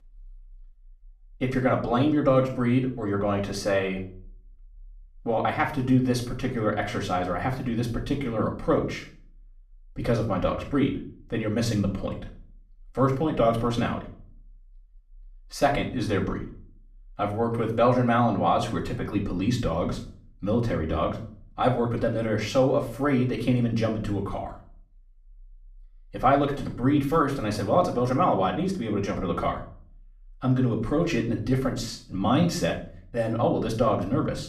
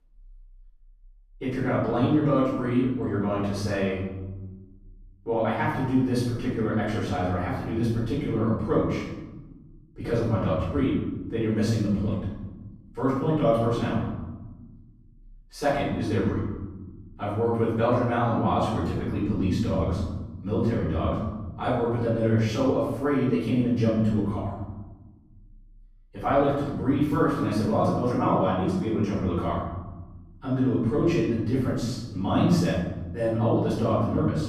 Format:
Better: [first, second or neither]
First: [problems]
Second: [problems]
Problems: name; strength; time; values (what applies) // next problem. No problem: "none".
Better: first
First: room echo; slight; dies away in 0.4 s // off-mic speech; far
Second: room echo; strong; dies away in 1.2 s // off-mic speech; far